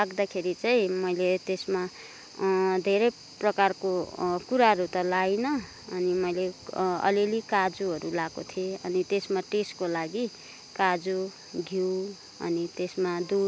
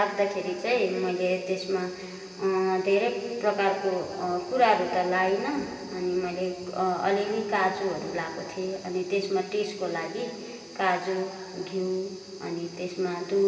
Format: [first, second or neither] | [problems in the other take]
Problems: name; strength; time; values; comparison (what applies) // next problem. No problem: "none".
first | room echo; dies away in 2.5 s